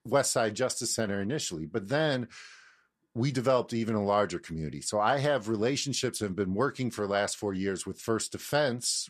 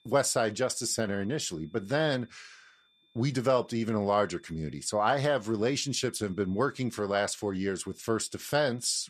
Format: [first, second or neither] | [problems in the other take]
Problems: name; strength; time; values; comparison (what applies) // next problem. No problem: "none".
first | high-pitched whine; faint; throughout; 3.5 kHz, 35 dB below the speech